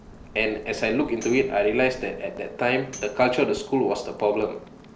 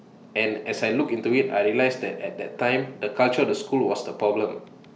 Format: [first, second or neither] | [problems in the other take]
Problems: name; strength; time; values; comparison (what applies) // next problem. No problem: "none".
second | background sound (Tambourine + Rain); 20 dB below the speech